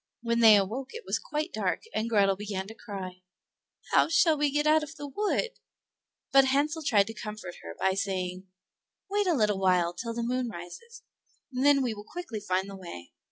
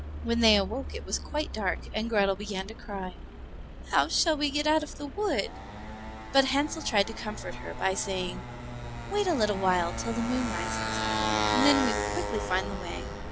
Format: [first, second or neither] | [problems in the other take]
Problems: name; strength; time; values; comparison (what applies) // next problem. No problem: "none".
first | background sound (Motorcycle); 4 dB below the speech